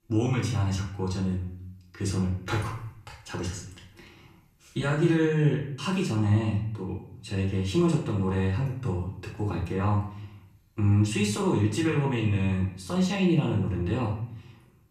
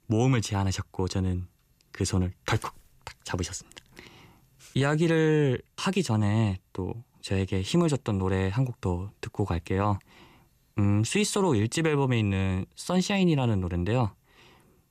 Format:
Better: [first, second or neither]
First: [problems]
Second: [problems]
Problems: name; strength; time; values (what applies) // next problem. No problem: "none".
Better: second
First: off-mic speech; far // room echo; noticeable; dies away in 0.6 s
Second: none